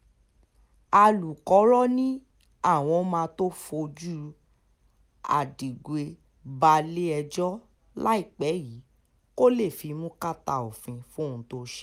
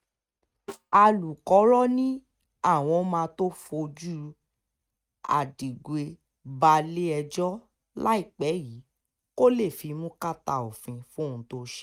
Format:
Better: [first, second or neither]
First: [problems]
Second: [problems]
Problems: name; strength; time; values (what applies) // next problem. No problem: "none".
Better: first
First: none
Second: noise reduction (neural mask model RNNoise)